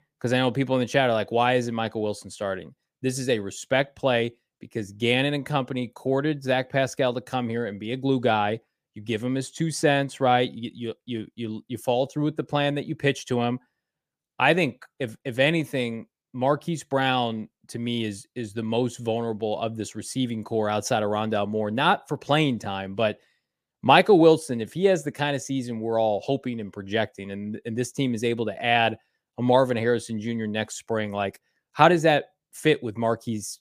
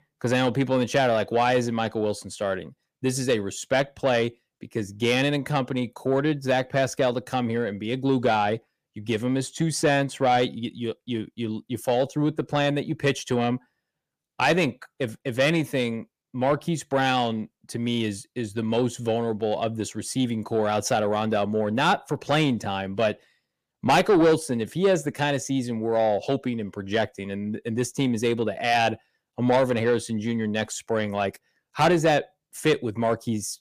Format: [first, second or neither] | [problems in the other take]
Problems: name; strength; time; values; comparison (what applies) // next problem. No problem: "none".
first | distortion; slight; 10 dB below the speech